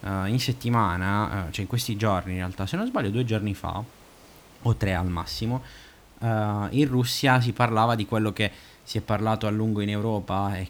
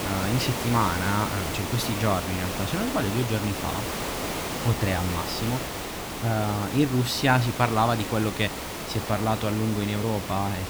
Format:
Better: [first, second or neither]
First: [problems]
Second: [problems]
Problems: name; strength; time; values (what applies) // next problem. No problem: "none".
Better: first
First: hiss; faint; throughout; 25 dB below the speech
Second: hiss; loud; throughout; 5 dB below the speech